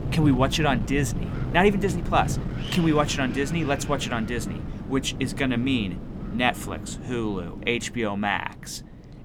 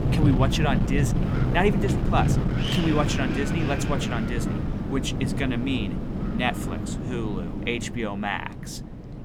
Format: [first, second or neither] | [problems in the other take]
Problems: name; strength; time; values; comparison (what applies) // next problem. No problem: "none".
first | wind noise on the microphone; heavy; 4 dB below the speech; occasional gusts in the first